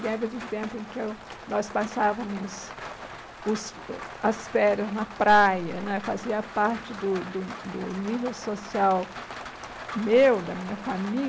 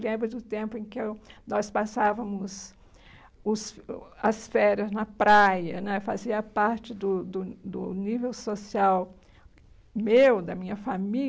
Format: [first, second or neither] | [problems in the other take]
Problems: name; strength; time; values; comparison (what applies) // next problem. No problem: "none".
second | background sound (Rain); 13 dB below the speech